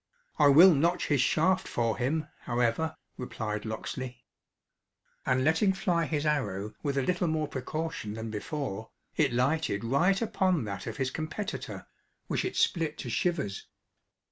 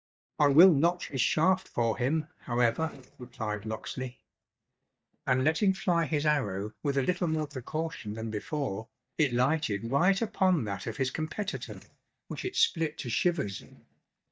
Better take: first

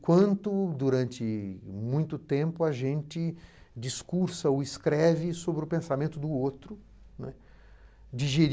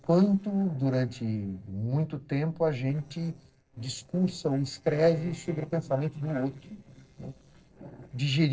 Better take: first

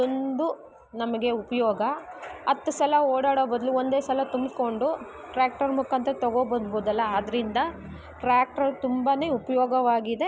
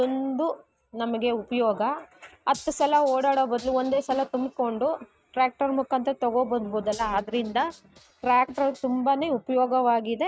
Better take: first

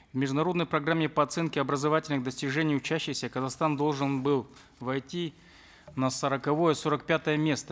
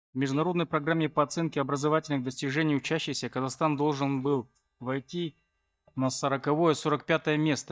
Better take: first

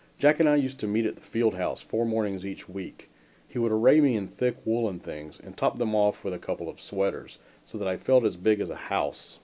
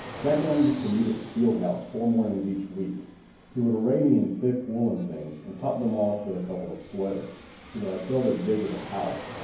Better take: first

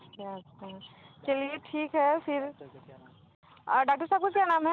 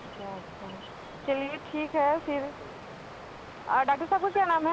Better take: first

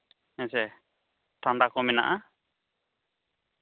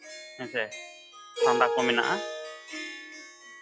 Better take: first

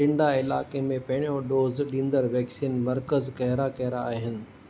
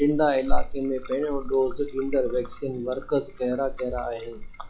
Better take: first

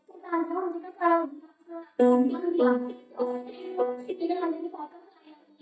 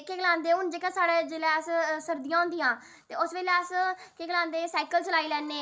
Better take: second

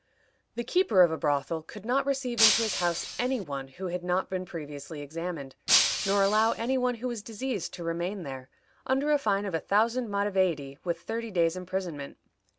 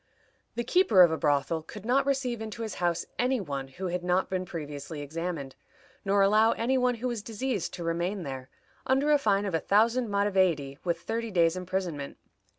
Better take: second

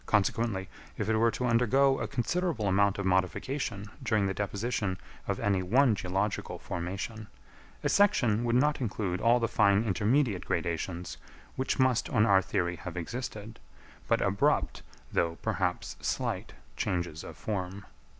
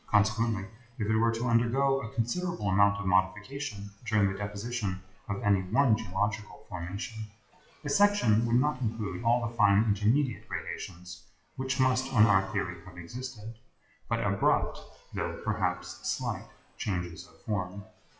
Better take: first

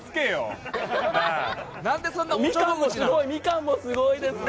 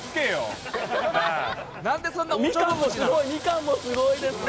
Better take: first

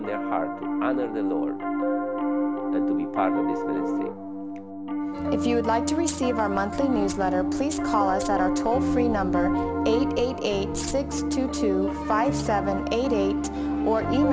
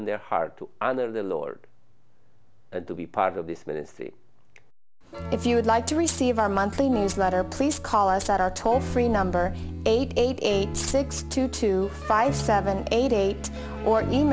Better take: second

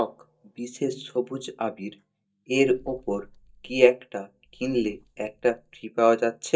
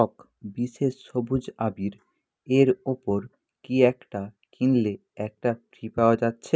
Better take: second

